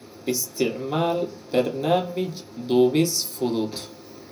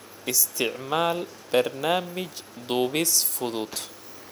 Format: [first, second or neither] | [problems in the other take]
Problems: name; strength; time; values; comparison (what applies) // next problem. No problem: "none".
second | room echo; dies away in 0.4 s